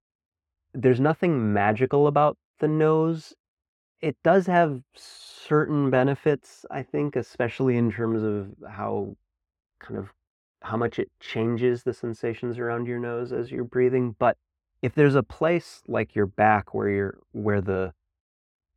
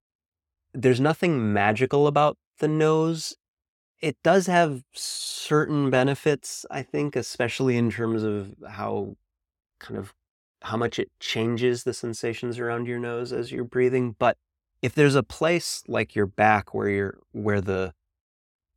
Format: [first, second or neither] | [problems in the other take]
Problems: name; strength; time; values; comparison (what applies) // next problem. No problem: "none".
second | muffled; slightly; fading above 3 kHz